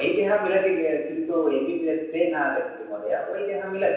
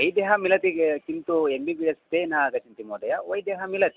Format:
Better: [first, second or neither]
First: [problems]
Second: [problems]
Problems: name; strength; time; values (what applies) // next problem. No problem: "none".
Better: second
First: room echo; dies away in 0.9 s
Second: none